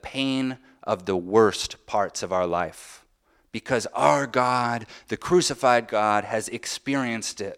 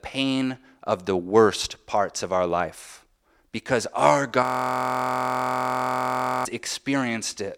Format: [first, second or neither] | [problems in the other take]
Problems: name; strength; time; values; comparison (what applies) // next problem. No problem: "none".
first | audio freezing; at 4.5 s for 2 s